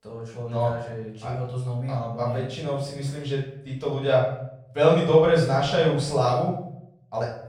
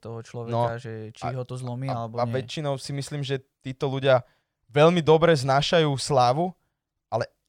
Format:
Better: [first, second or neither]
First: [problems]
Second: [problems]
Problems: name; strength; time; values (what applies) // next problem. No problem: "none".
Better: second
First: off-mic speech; far // room echo; noticeable; dies away in 0.6 s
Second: none